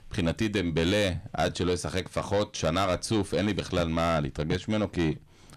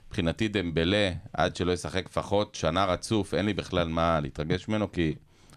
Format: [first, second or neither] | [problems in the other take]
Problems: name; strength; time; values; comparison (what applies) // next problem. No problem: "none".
second | distortion; slight; 10 dB below the speech